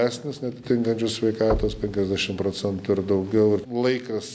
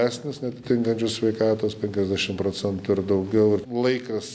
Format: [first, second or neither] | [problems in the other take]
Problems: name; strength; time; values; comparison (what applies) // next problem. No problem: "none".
second | background sound (Knock); 12 dB below the speech